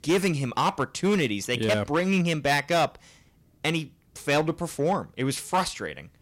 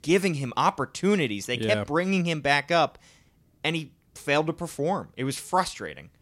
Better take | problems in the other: second | distortion; slight; 6% of the sound clipped

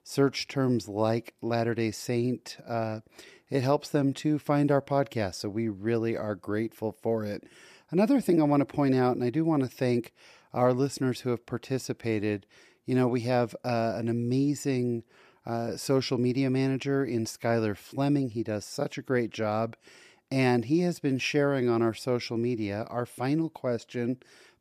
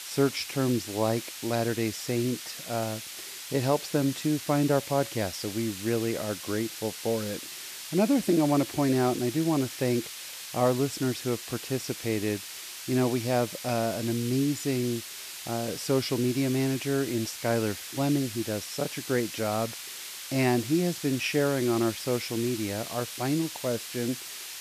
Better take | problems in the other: first | hiss; loud; throughout; 9 dB below the speech

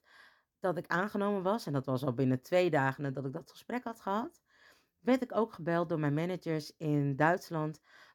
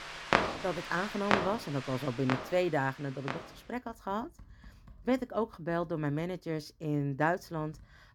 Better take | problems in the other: first | household noises; loud; throughout; 1 dB below the speech

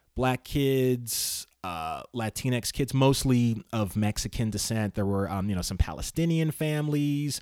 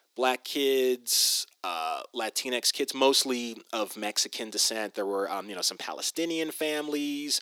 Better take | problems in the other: first | thin; somewhat; fading below 300 Hz

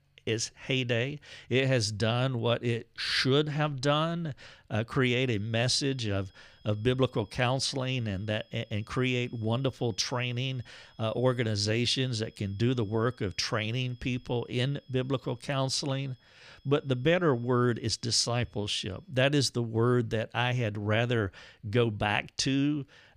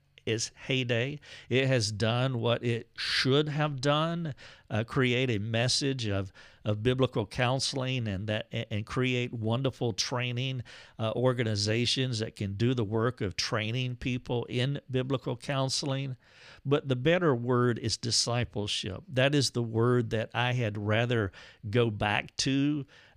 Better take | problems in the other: second | high-pitched whine; faint; from 5.5 to 19 s; 3.5 kHz, 35 dB below the speech

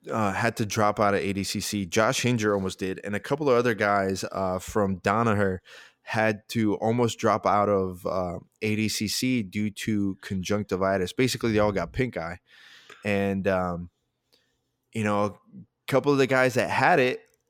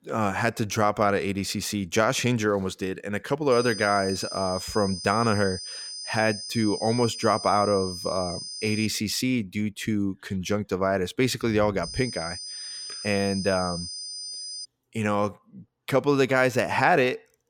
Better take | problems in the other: first | high-pitched whine; loud; from 3.5 to 9 s and from 12 to 15 s; 5 kHz, 9 dB below the speech

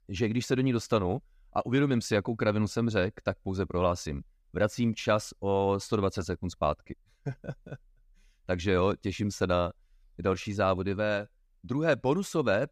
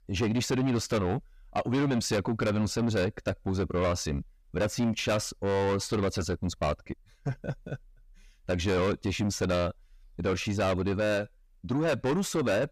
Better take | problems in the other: first | distortion; heavy; 7 dB below the speech

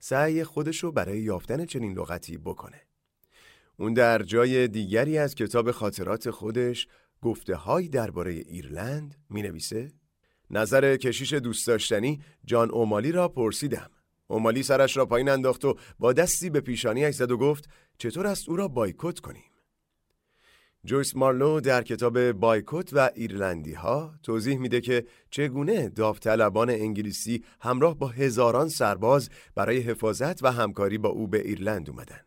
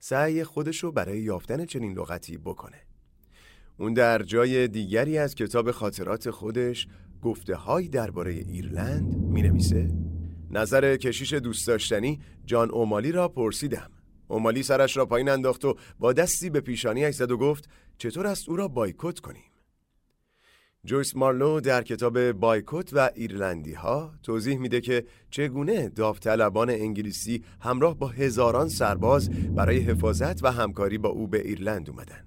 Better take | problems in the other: first | low rumble; noticeable; throughout; 15 dB below the speech

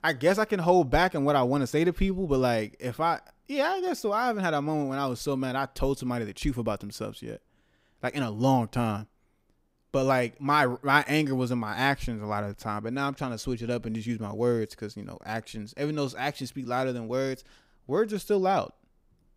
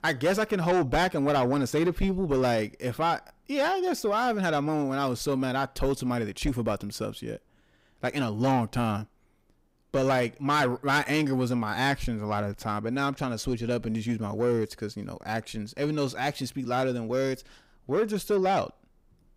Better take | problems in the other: first | distortion; slight; 10 dB below the speech

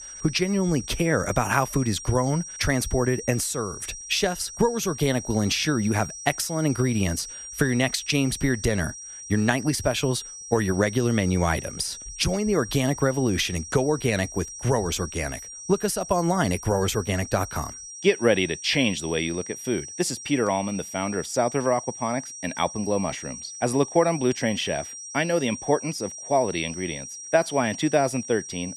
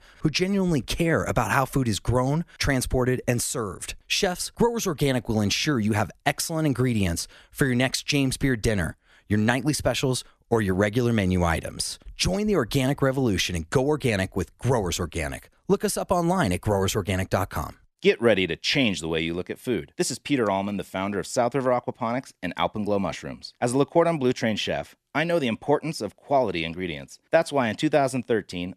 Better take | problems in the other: second | high-pitched whine; noticeable; throughout; 5.5 kHz, 10 dB below the speech

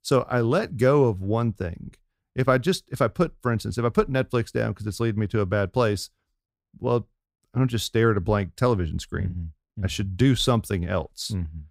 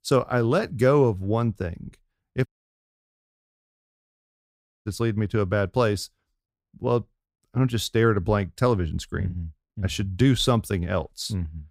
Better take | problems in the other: first | audio cutting out; at 2.5 s for 2.5 s

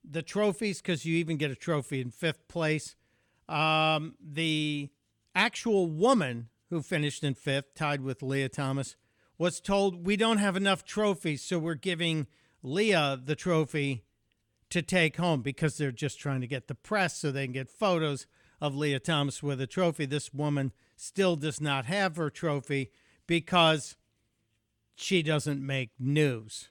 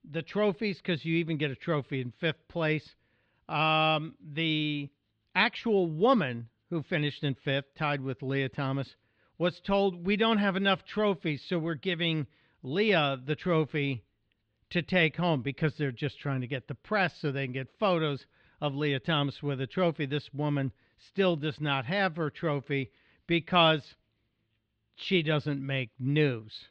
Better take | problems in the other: first | muffled; very slightly; fading above 4 kHz

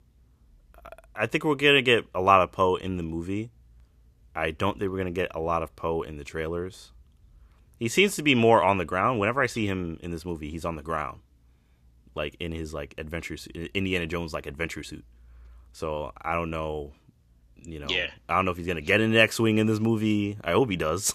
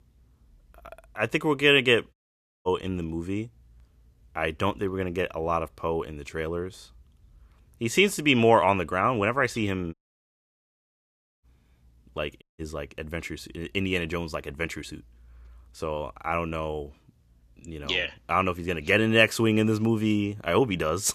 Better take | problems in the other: first | audio cutting out; at 2 s for 0.5 s, at 10 s for 1.5 s and at 12 s

